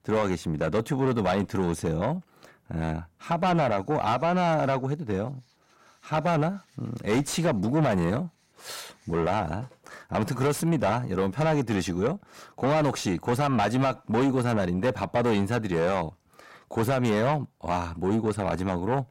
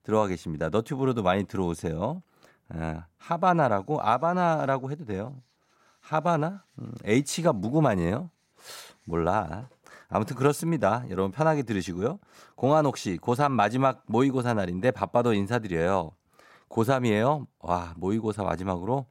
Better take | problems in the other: second | distortion; heavy; 7 dB below the speech

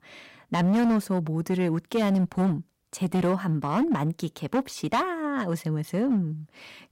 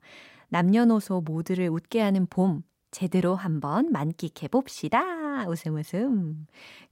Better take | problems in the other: second | distortion; slight; 9% of the sound clipped

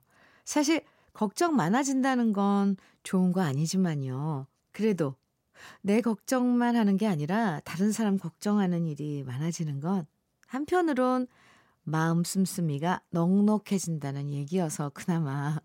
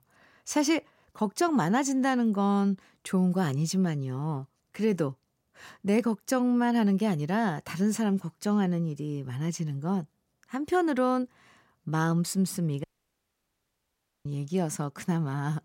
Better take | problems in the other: first | audio cutting out; at 13 s for 1.5 s

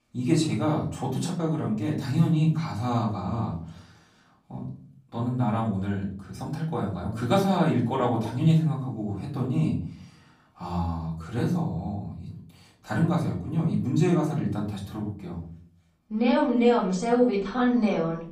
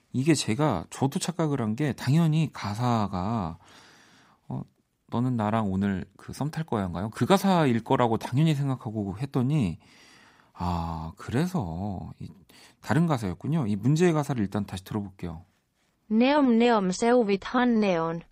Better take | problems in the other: second | off-mic speech; far // room echo; slight; dies away in 0.5 s

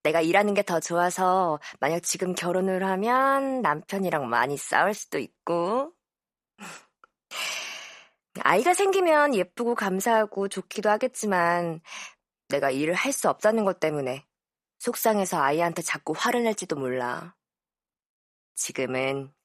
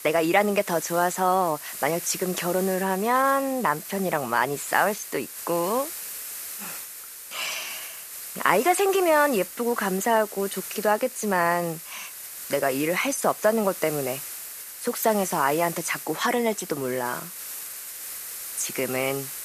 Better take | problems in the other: first | hiss; loud; throughout; 10 dB below the speech

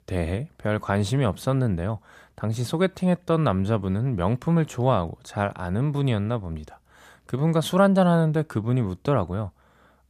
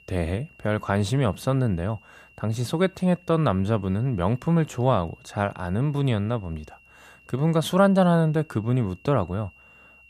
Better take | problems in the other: first | high-pitched whine; faint; throughout; 3 kHz, 30 dB below the speech

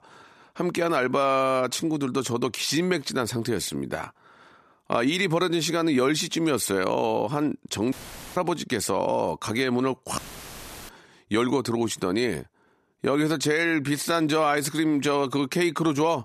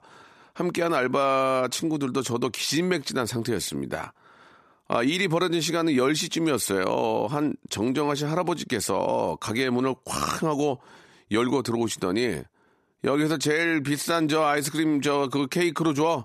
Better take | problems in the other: second | audio cutting out; filled with static; at 8 s and at 10 s for 0.5 s

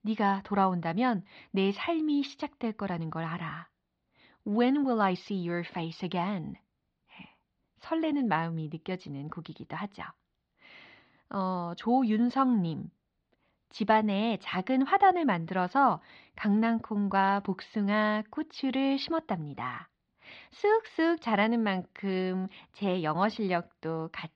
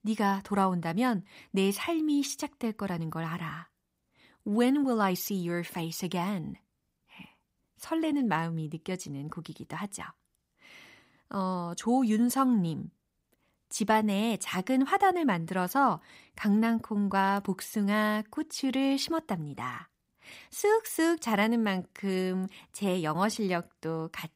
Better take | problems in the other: second | muffled; slightly; fading above 4.5 kHz

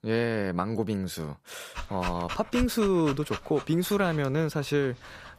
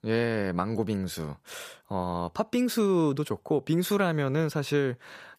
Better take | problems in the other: second | dog barking; noticeable; from 2 to 4 s; peak 6 dB below the speech

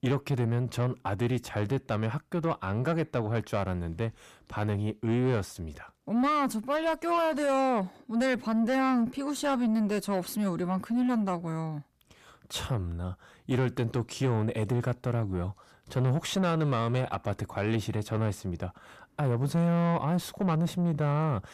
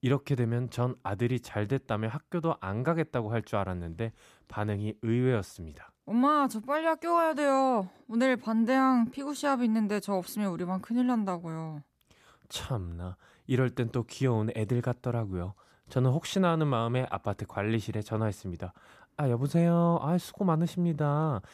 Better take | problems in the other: second | distortion; slight; 10 dB below the speech

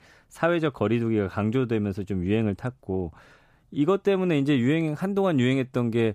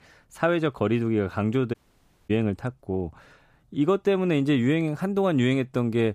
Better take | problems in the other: first | audio cutting out; at 1.5 s for 0.5 s

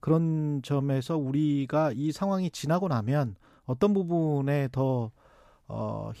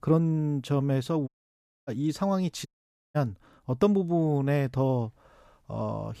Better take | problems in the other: first | audio cutting out; at 1.5 s for 0.5 s and at 2.5 s

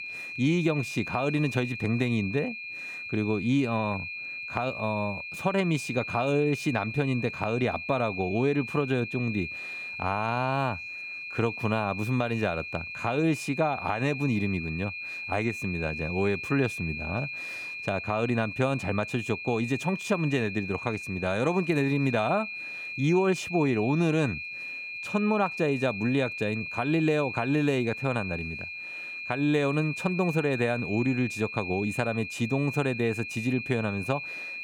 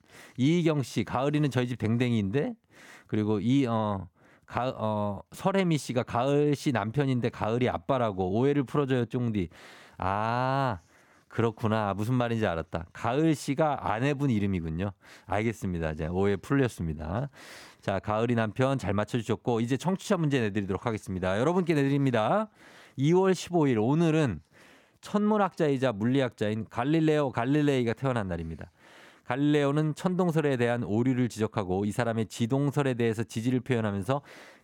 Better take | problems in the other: second | high-pitched whine; loud; throughout; 2.5 kHz, 7 dB below the speech

